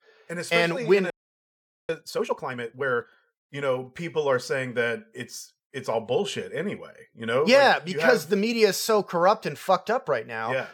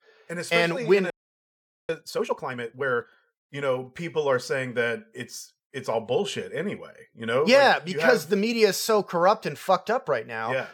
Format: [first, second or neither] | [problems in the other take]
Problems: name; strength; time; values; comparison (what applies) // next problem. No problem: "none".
neither | audio freezing; at 1 s for 1 s; the same in both